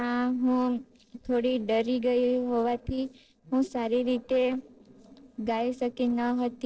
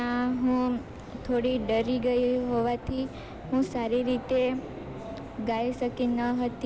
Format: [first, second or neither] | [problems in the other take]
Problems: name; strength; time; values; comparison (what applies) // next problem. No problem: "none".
second | noise reduction (neural separator model SepFormer DNS4)